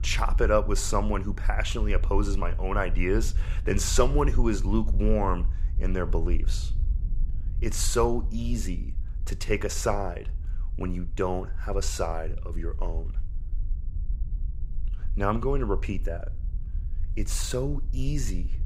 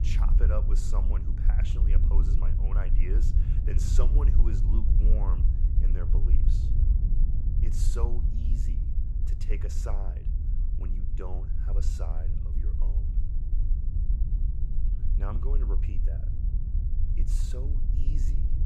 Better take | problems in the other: first | low rumble; loud; throughout; 3 dB below the speech; faint in the first

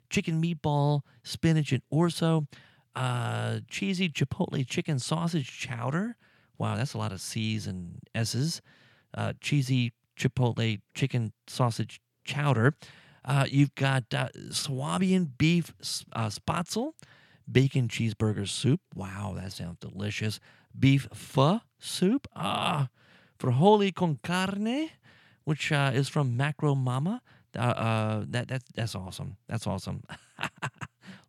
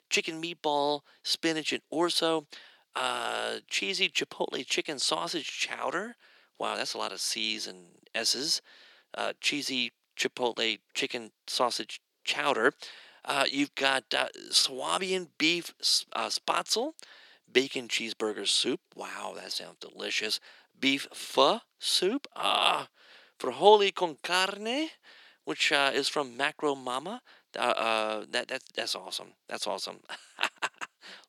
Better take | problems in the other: first | thin; very; fading below 350 Hz

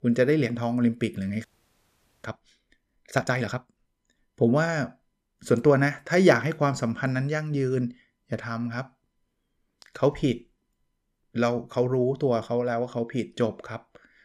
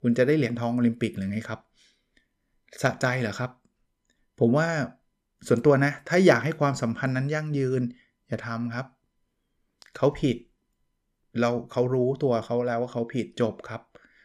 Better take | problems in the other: second | audio freezing; at 1.5 s for 1 s

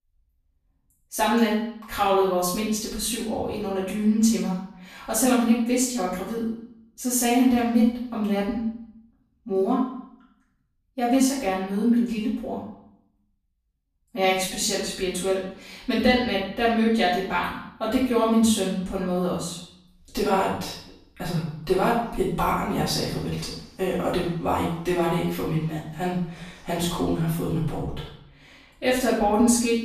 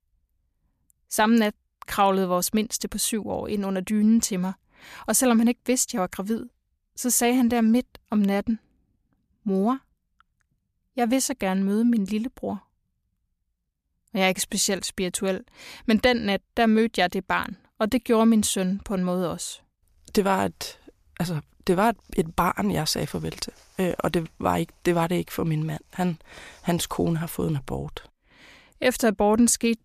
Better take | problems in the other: second | off-mic speech; far // room echo; noticeable; dies away in 0.6 s

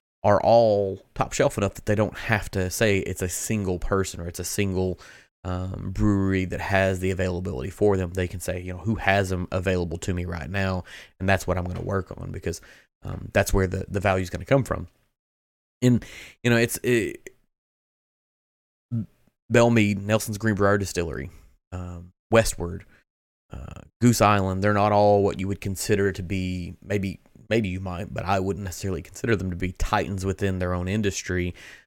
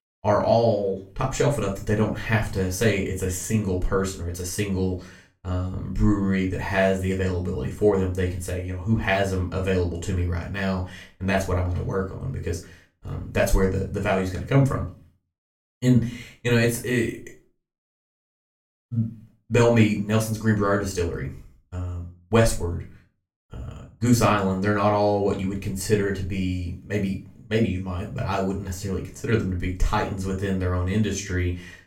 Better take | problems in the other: first | off-mic speech; somewhat distant // room echo; slight; dies away in 0.3 s

